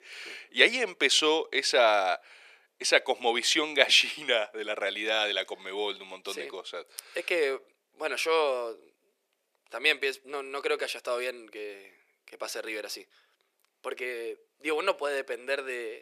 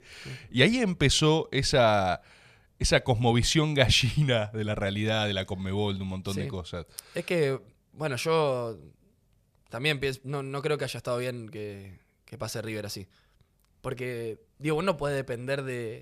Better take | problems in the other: second | thin; very; fading below 350 Hz

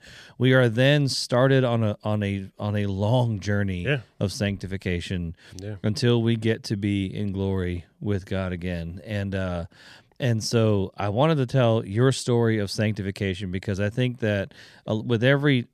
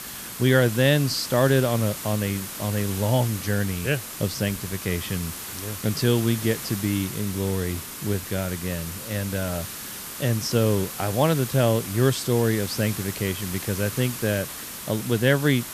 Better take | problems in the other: first | hiss; loud; throughout; 8 dB below the speech

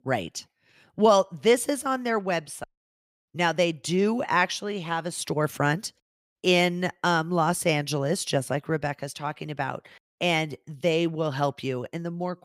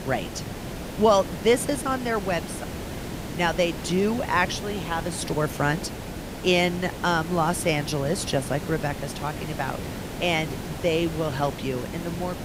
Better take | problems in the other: first | hiss; loud; throughout; 9 dB below the speech

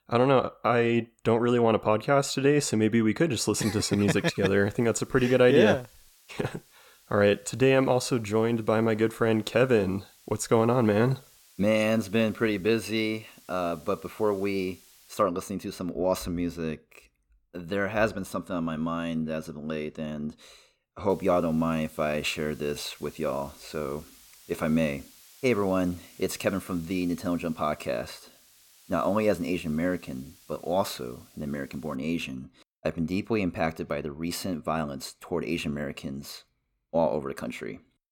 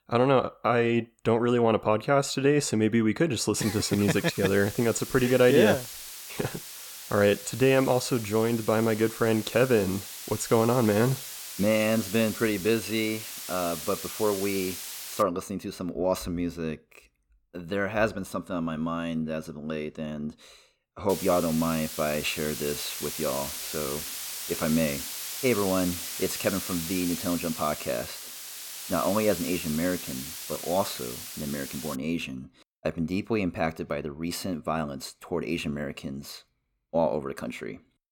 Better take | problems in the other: first | hiss; loud; from 3.5 to 15 s and from 21 to 32 s; 8 dB below the speech; faint in the first

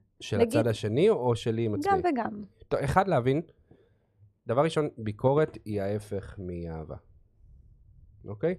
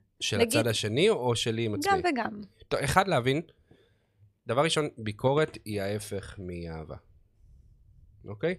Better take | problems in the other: second | muffled; slightly; fading above 1.5 kHz

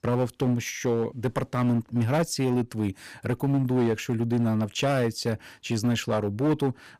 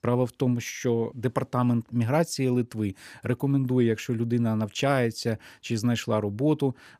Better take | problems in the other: second | distortion; slight; 8% of the sound clipped

